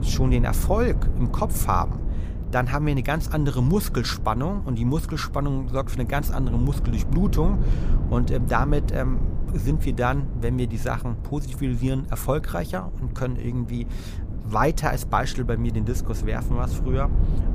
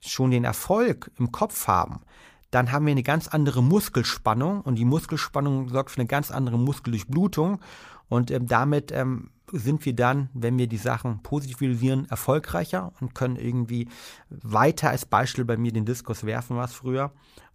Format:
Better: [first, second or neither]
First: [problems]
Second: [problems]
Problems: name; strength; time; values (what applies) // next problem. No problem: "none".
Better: second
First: low rumble; noticeable; throughout; 15 dB below the speech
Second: none